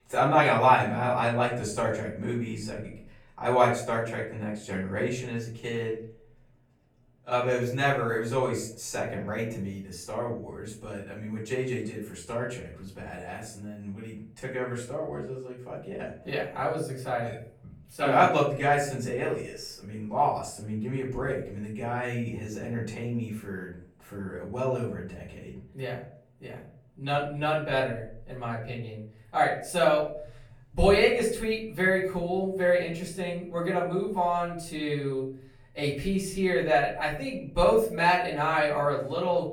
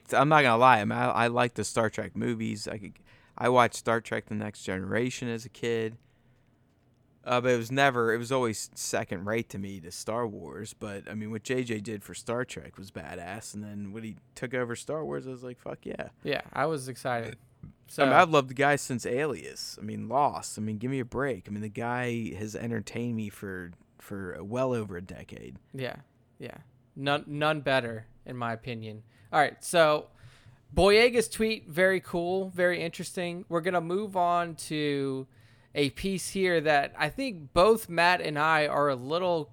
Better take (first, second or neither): second